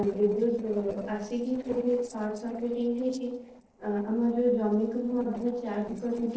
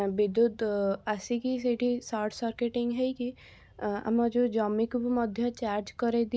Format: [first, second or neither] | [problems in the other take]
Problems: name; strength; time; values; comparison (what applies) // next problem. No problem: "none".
second | noise reduction (neural separator model SepFormer DNS4)